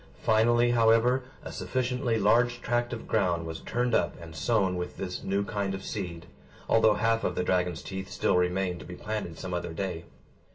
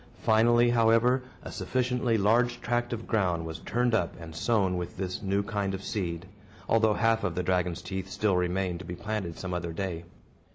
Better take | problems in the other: second | room echo; dies away in 0.2 s

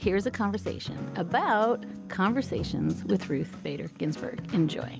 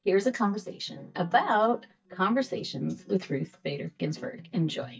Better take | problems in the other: first | noise reduction (neural mask model DeepFilterNet 3)

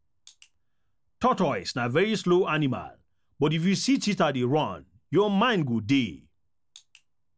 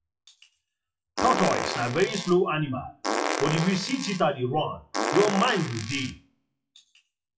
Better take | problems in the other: first | noise reduction (classical method WPE with log-MMSE)

